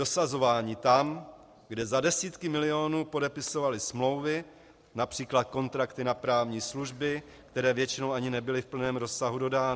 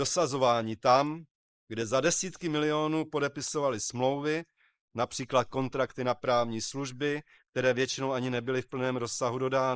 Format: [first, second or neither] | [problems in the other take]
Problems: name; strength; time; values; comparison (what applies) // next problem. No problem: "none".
first | noise reduction (neural mask model Resemble Enhance denoiser)